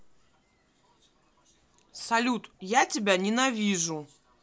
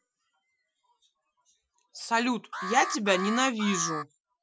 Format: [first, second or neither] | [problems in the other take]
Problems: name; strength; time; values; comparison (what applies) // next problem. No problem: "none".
first | noise reduction (classical method Wiener filter)